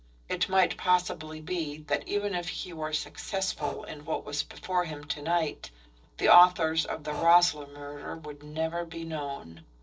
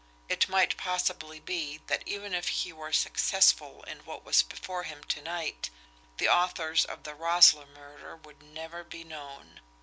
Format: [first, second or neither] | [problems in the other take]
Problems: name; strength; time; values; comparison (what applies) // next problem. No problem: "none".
second | noise reduction (neural separator model SepFormer DNS4)